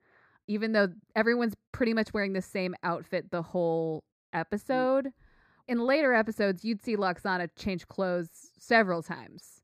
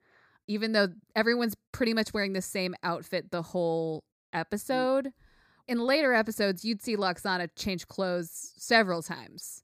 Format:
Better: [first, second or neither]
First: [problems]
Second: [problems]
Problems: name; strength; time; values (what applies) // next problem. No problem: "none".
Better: second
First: muffled; slightly; fading above 3.5 kHz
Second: none